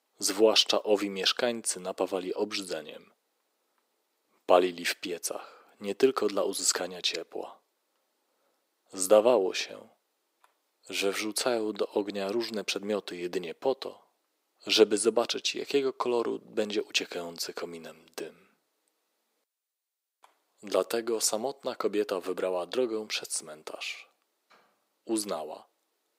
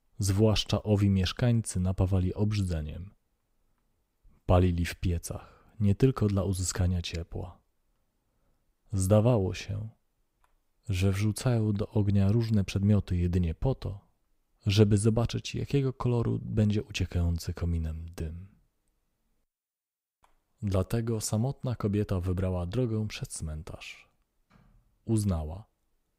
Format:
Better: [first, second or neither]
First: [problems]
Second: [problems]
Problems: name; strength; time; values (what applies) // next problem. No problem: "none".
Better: second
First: thin; very; fading below 350 Hz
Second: none